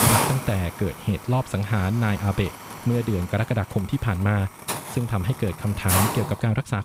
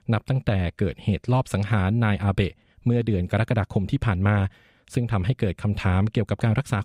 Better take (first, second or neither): second